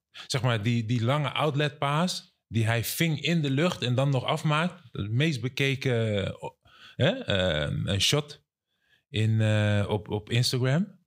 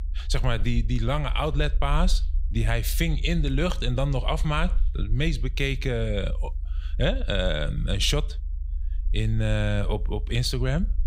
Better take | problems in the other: first | low rumble; faint; throughout; 25 dB below the speech

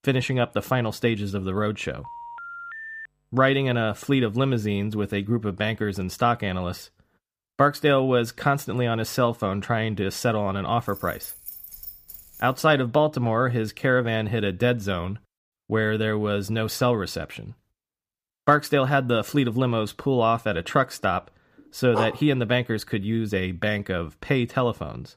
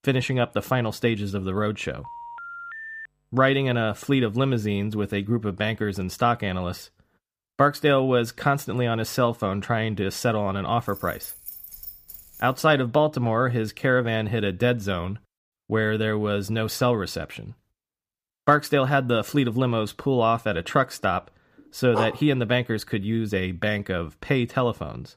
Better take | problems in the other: neither | phone ringing; faint; from 2 to 3 s; peak 10 dB below the speech; the same in both // jangling keys; faint; from 11 to 13 s; peak 10 dB below the speech; the same in both // dog barking; noticeable; at 22 s; peak 5 dB below the speech; the same in both

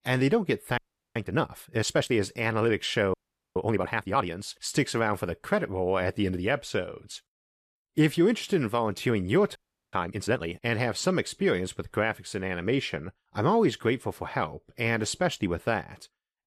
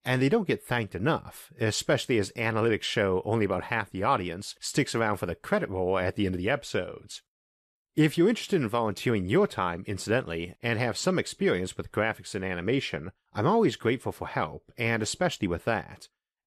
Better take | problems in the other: second | audio freezing; at 1 s, at 3 s and at 9.5 s

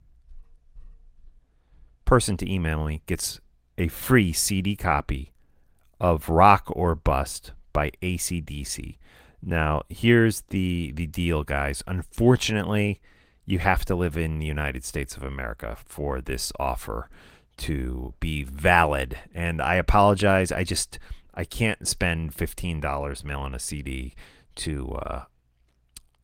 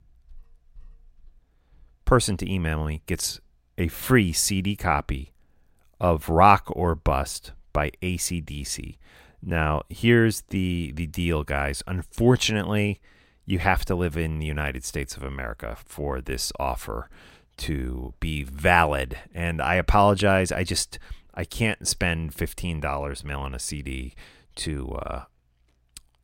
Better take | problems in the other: second | garbled, watery; slightly; nothing above 16 kHz

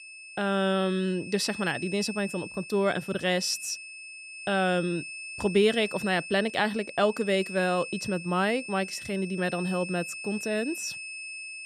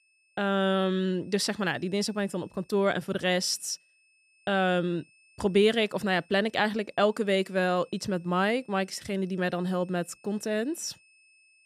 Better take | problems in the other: second | high-pitched whine; loud; throughout; 2.5 kHz, 10 dB below the speech; faint in the second

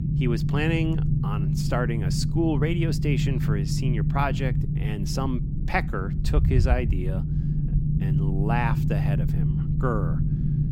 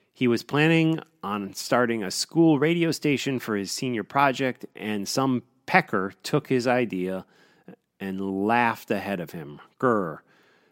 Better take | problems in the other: second | low rumble; loud; throughout; 5 dB below the speech

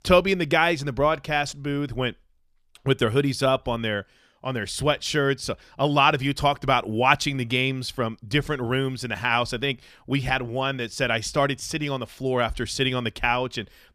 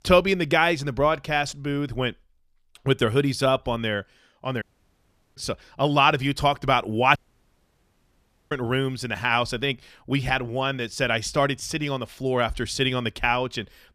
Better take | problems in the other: first | audio cutting out; at 4.5 s for 0.5 s and at 7 s for 1.5 s

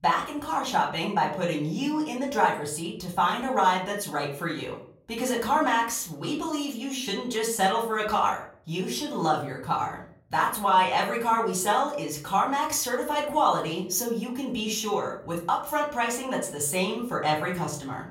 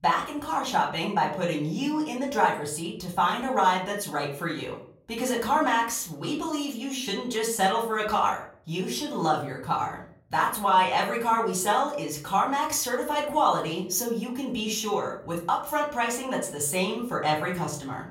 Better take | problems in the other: neither | room echo; slight; dies away in 0.5 s; the same in both // off-mic speech; far; the same in both

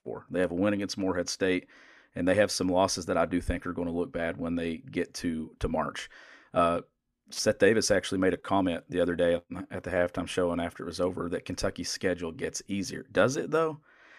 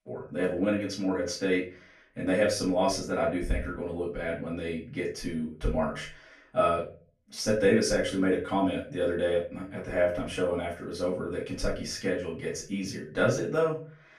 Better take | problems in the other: first | off-mic speech; far // room echo; slight; dies away in 0.3 s

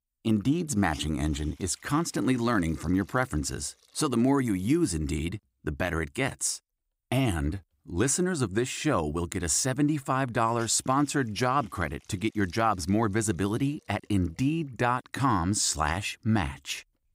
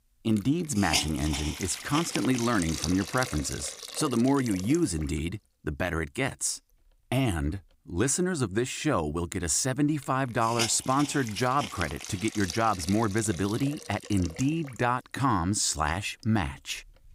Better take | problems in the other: first | hiss; loud; throughout; 7 dB below the speech; faint in the first

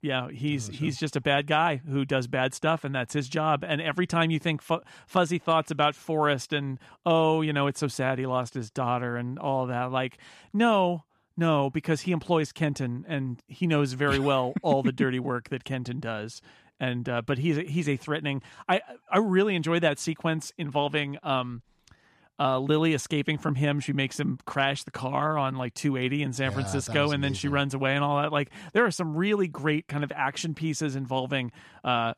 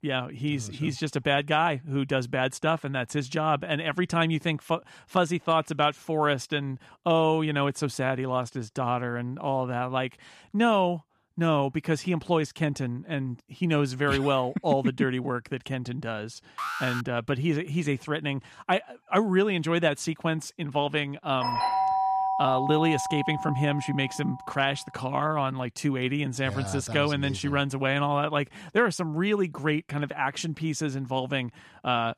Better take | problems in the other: first | alarm; noticeable; at 17 s; peak 4 dB below the speech // doorbell; loud; from 21 to 24 s; peak 3 dB above the speech

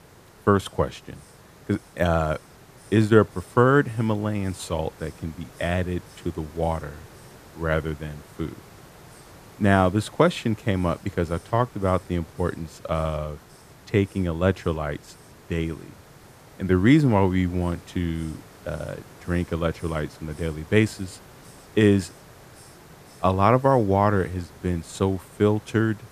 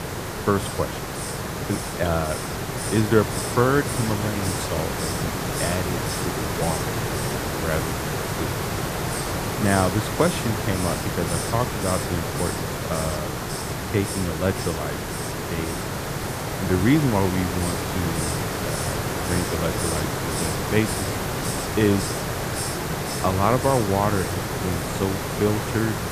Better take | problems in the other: first | hiss; loud; throughout; 1 dB below the speech; faint in the first

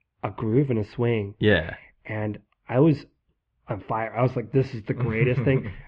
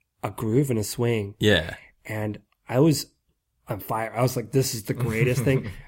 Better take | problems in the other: second | muffled; very; fading above 3 kHz

